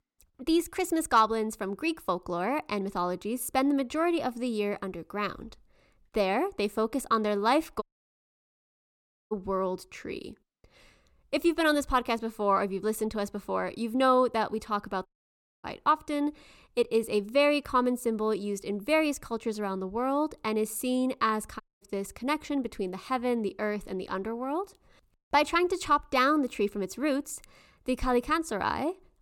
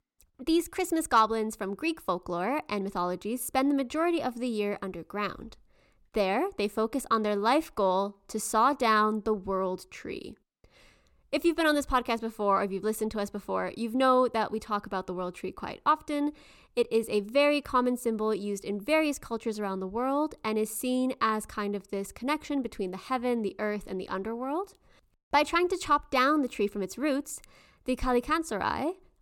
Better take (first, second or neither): second